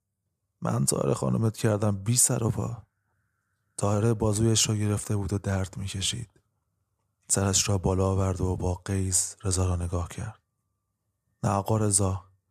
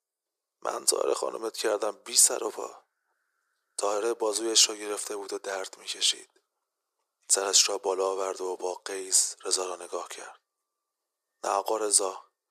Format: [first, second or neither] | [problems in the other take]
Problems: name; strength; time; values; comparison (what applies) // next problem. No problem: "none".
first | thin; very; fading below 350 Hz